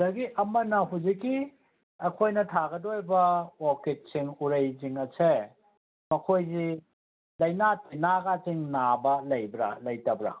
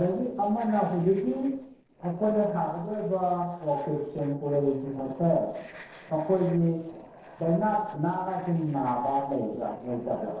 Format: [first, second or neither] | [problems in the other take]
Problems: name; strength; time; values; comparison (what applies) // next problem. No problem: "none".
first | noise reduction (neural separator model SepFormer DNS4)